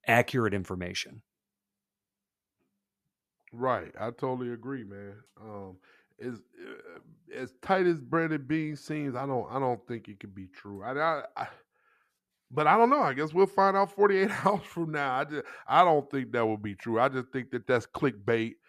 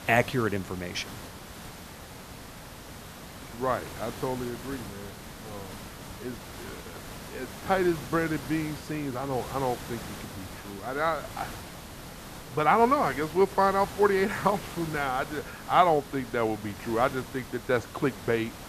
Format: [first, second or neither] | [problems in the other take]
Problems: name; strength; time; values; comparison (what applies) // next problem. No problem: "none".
first | hiss; noticeable; throughout; 15 dB below the speech